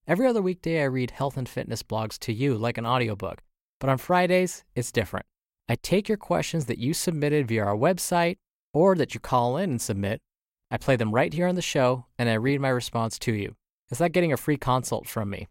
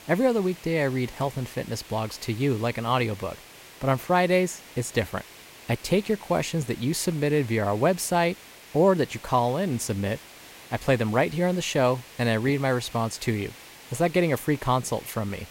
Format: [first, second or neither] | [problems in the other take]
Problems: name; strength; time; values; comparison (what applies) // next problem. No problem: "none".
first | hiss; noticeable; throughout; 20 dB below the speech